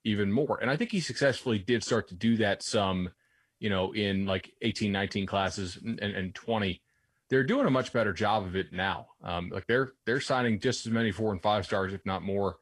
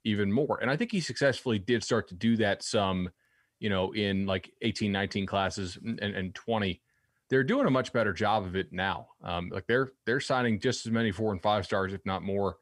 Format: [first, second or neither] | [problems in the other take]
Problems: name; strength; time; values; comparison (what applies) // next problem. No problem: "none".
second | garbled, watery; slightly